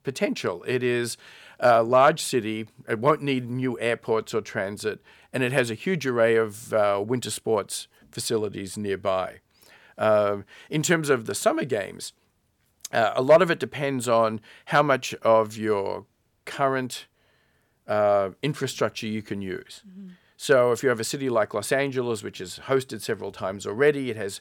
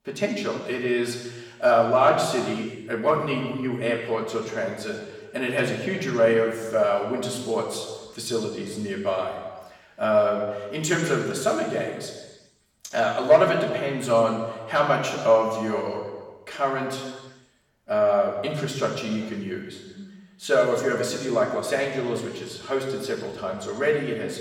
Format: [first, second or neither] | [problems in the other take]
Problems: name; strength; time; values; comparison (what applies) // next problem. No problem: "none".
first | room echo; noticeable; dies away in 1.3 s // off-mic speech; far